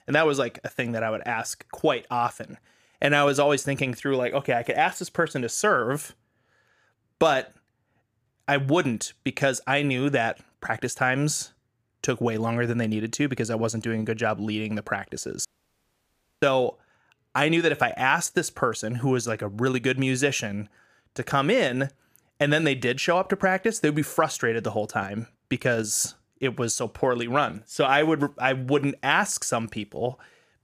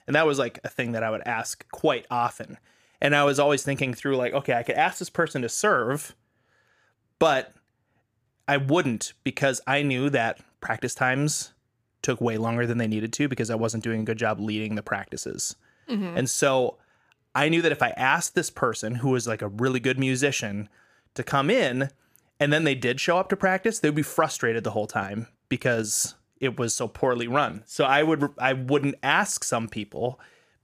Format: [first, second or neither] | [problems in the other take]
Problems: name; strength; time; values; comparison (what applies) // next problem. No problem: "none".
second | audio cutting out; at 15 s for 1 s